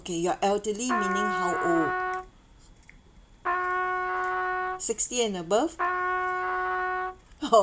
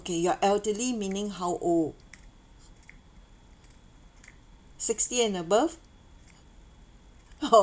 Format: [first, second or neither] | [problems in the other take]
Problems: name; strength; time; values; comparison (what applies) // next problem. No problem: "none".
second | background sound (Trumpet); as loud as the speech